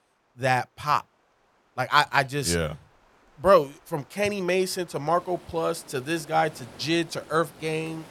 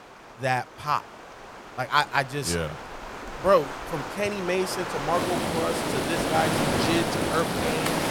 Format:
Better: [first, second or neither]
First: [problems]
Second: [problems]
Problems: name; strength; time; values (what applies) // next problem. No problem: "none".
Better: first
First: rain or running water; faint; throughout; 25 dB below the speech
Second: rain or running water; loud; throughout; 1 dB below the speech